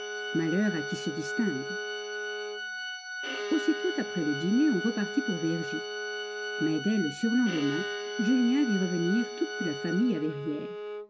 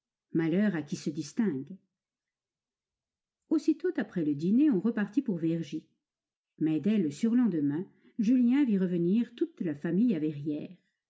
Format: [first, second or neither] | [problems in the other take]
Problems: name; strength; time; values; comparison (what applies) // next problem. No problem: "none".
second | background sound (Organ + Bowed string instrument); 6 dB below the speech